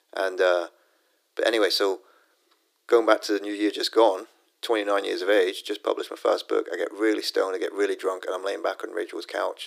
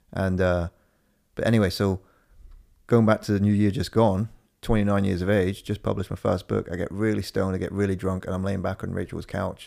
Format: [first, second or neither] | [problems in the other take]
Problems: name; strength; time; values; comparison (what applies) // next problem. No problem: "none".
second | thin; very; fading below 300 Hz